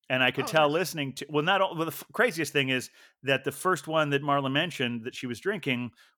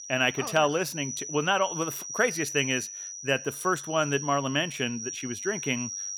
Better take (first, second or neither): first